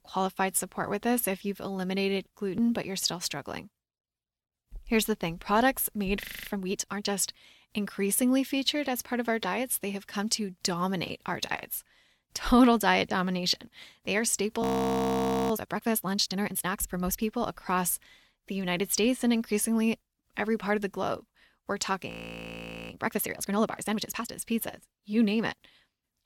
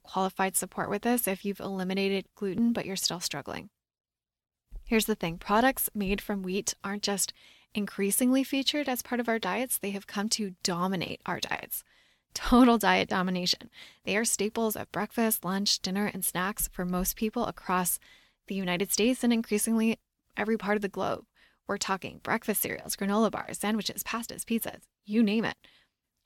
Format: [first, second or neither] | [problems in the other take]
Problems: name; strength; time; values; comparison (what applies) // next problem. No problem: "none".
second | audio freezing; at 6 s, at 15 s for 1 s and at 22 s for 1 s